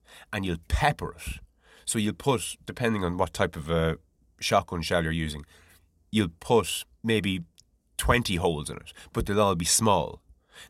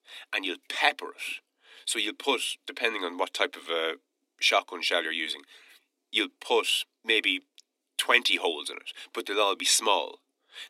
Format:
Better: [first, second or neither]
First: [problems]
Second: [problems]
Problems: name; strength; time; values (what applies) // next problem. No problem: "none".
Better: first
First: none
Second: thin; somewhat; fading below 250 Hz